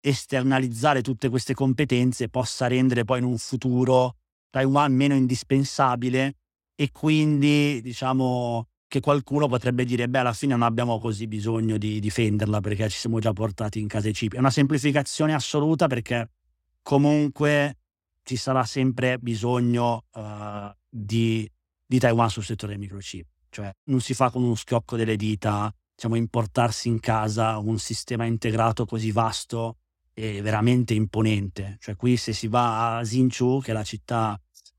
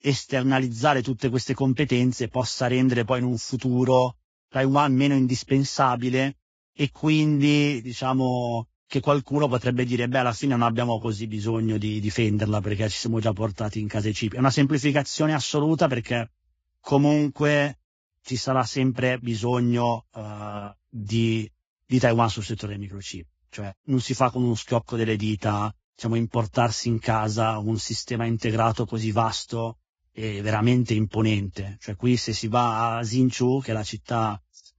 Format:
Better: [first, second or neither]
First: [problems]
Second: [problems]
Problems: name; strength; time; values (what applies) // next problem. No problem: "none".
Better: first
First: none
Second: garbled, watery; badly; nothing above 7.5 kHz